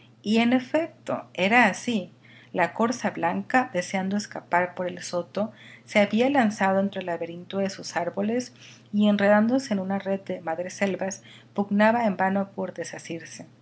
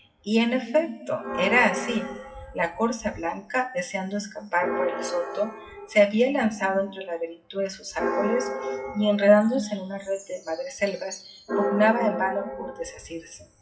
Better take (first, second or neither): first